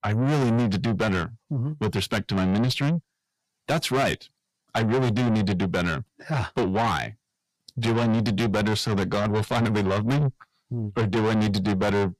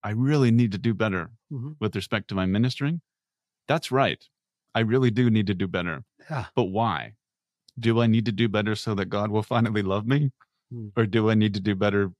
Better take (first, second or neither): second